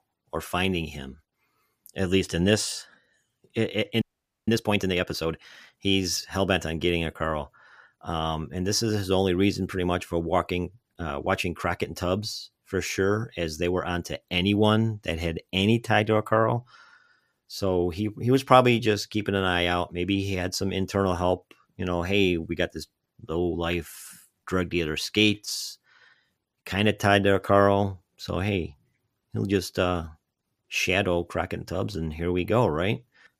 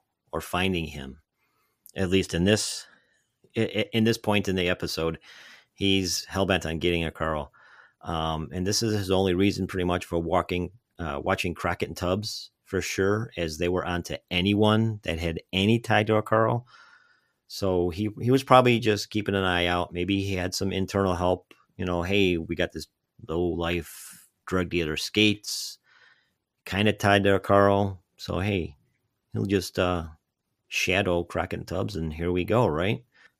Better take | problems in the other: second | audio freezing; at 4 s

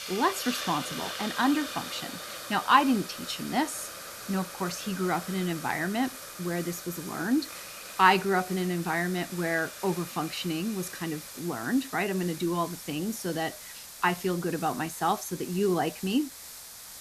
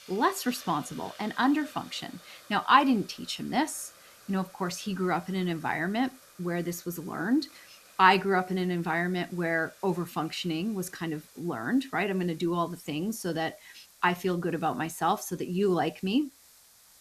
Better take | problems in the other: second | hiss; loud; throughout; 10 dB below the speech; faint in the second

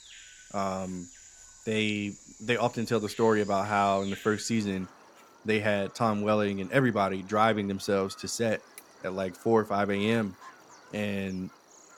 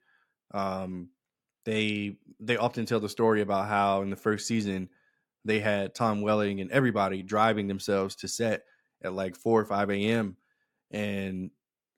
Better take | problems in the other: second | animal sounds; faint; throughout; 20 dB below the speech

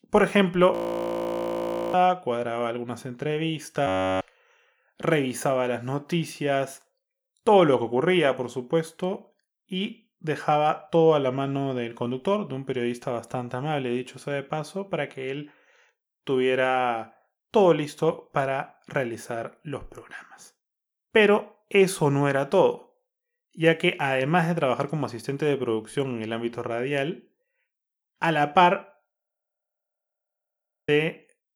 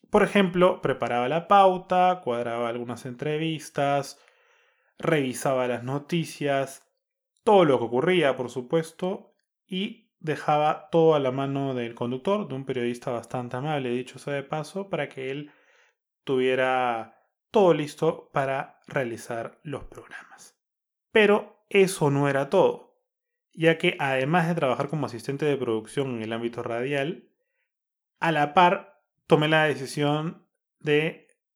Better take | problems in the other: second | audio freezing; at 0.5 s for 1 s, at 4 s and at 29 s for 2 s

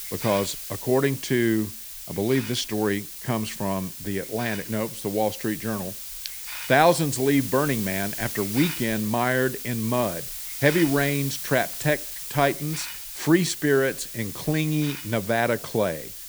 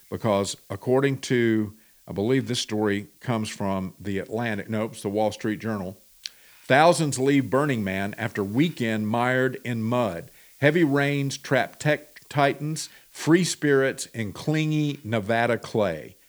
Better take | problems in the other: second | hiss; loud; throughout; 8 dB below the speech; faint in the second

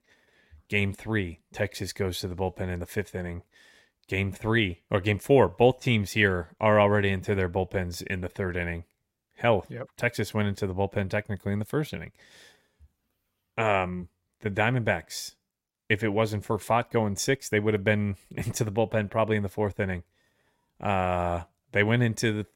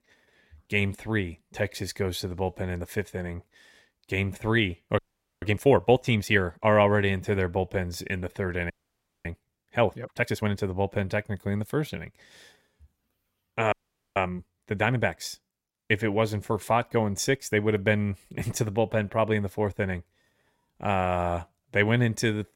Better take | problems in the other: first | audio freezing; at 5 s, at 8.5 s for 0.5 s and at 14 s

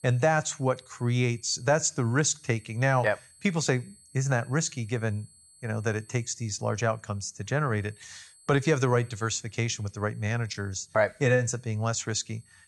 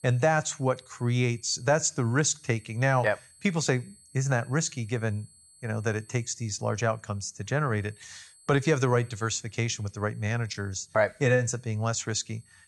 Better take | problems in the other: neither | high-pitched whine; faint; throughout; 8 kHz, 25 dB below the speech; the same in both

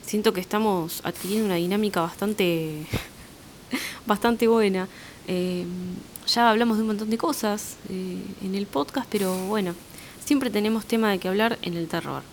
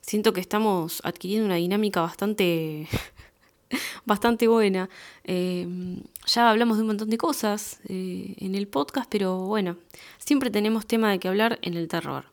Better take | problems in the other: second | hiss; noticeable; throughout; 20 dB below the speech

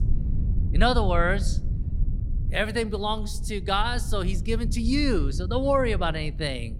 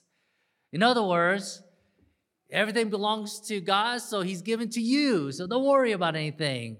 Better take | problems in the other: second | low rumble; noticeable; throughout; 20 dB below the speech

